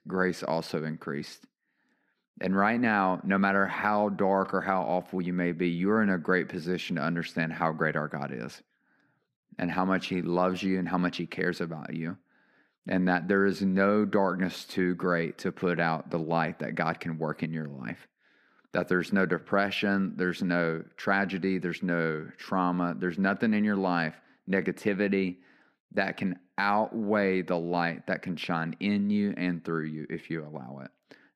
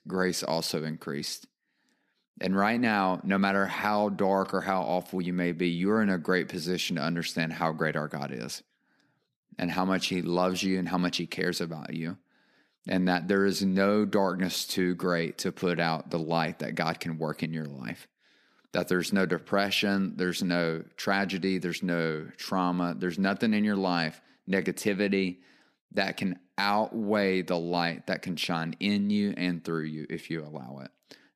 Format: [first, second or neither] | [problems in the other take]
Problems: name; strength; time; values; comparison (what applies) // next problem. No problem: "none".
second | muffled; slightly; fading above 3.5 kHz